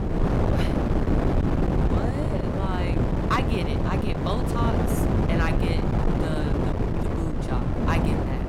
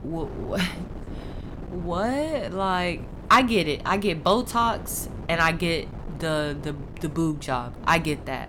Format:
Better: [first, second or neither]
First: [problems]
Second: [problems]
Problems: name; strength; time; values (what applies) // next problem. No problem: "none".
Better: second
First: wind noise on the microphone; heavy; 2 dB above the speech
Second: wind noise on the microphone; occasional gusts; 20 dB below the speech